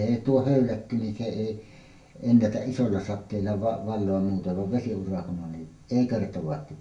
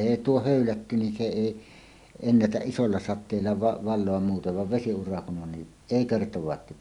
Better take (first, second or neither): second